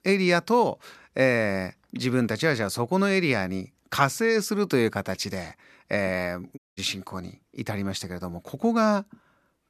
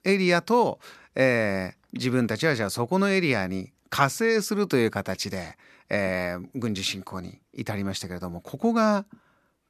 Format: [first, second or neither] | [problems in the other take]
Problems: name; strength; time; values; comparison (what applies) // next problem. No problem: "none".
second | audio cutting out; at 6.5 s